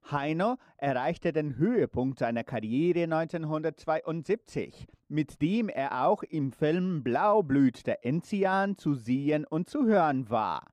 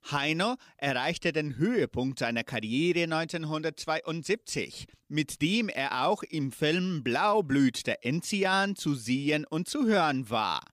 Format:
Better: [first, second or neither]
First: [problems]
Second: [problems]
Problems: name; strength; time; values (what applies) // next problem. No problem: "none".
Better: second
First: muffled; very; fading above 2 kHz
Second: none